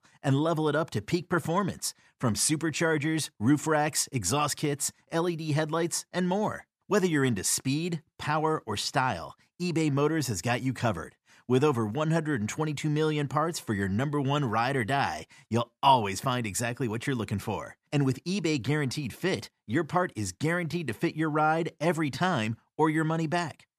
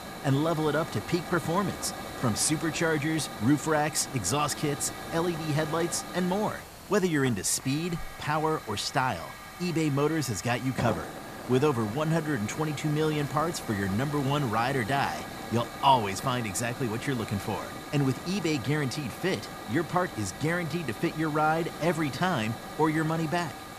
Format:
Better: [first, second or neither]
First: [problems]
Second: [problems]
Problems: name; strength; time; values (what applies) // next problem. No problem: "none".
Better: first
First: none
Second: hiss; noticeable; throughout; 10 dB below the speech